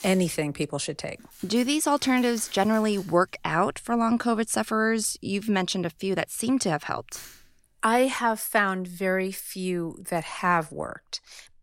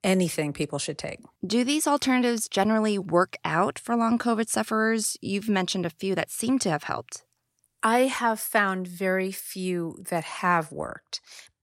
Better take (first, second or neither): second